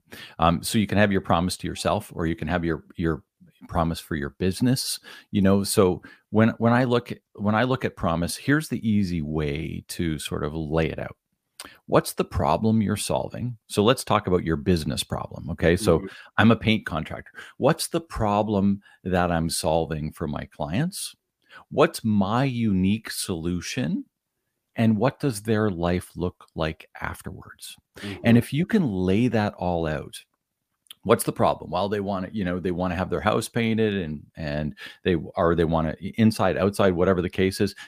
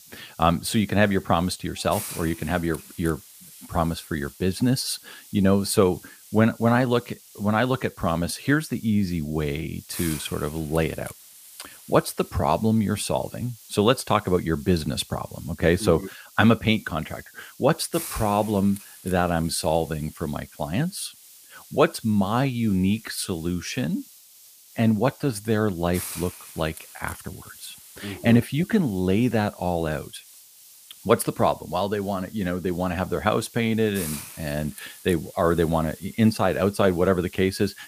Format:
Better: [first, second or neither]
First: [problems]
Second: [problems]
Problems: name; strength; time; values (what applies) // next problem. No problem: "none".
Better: first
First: none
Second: hiss; noticeable; throughout; 20 dB below the speech